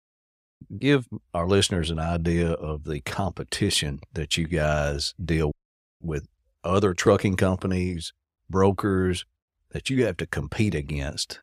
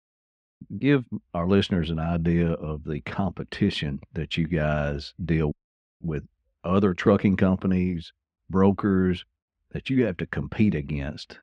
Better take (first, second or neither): first